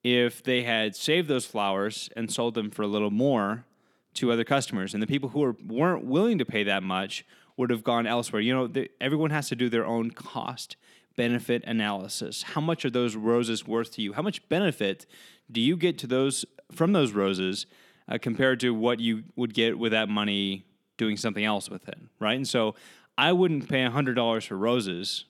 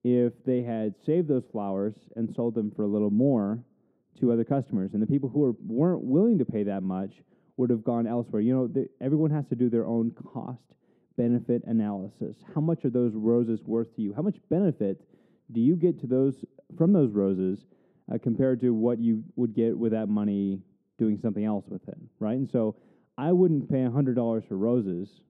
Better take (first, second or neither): first